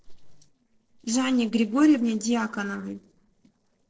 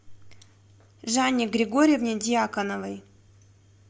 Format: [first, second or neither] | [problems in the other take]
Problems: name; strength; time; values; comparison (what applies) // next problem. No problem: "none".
second | noise reduction (neural separator model SepFormer DNS4)